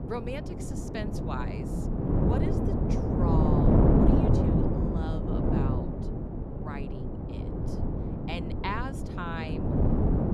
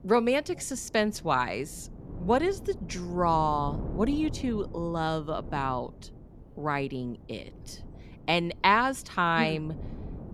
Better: second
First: wind noise on the microphone; heavy; 4 dB above the speech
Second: wind noise on the microphone; occasional gusts; 20 dB below the speech

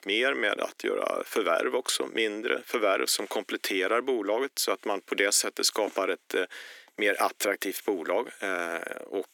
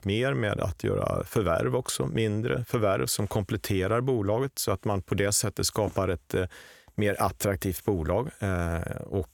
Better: second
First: thin; somewhat; fading below 250 Hz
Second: none

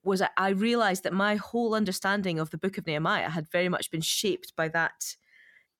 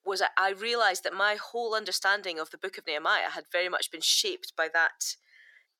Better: first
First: none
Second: thin; very; fading below 400 Hz

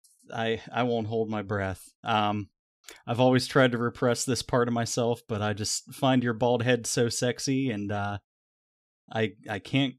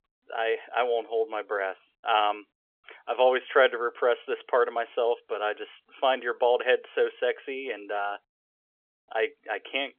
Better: first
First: none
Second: phone-call audio; nothing above 3.5 kHz

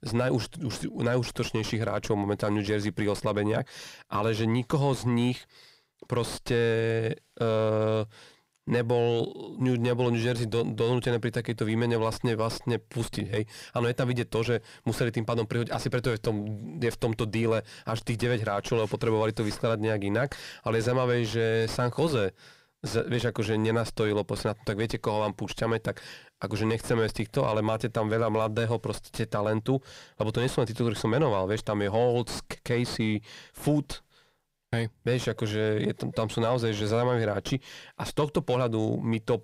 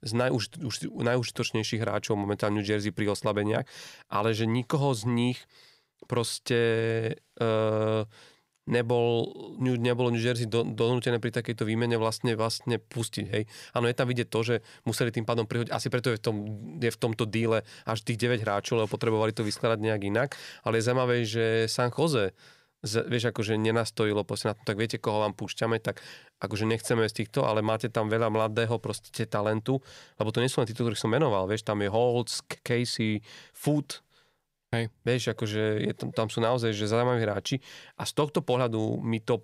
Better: second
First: distortion; slight; 10 dB below the speech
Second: none

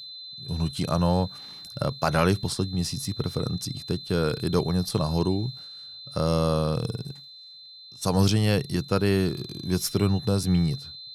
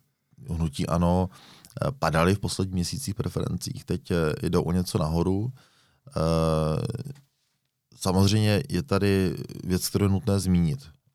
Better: second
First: high-pitched whine; noticeable; throughout; 4 kHz, 15 dB below the speech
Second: none

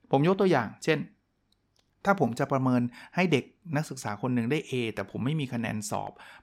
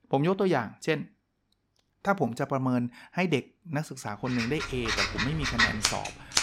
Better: first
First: none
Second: household noises; very faint; from 4.5 s on; 1 dB above the speech

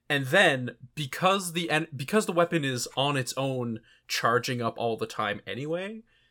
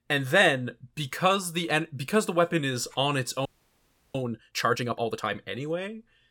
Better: first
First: none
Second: audio freezing; at 3.5 s for 0.5 s

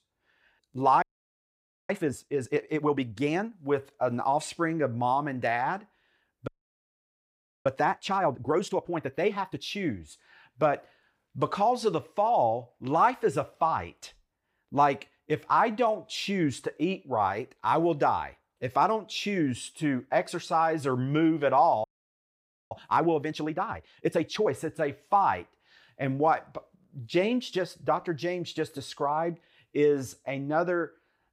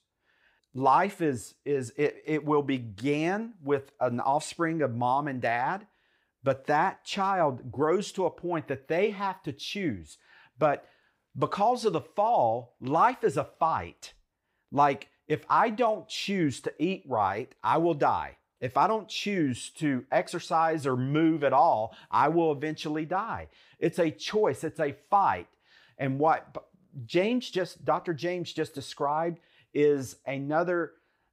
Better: second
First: audio freezing; at 1 s for 1 s, at 6.5 s for 1 s and at 22 s for 1 s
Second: none

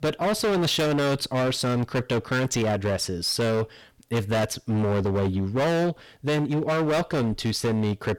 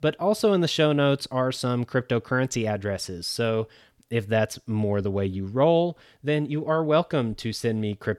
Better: second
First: distortion; heavy; 26% of the sound clipped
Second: none

